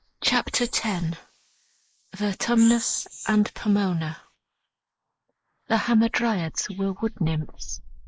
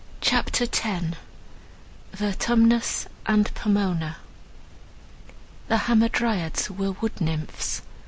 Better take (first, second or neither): second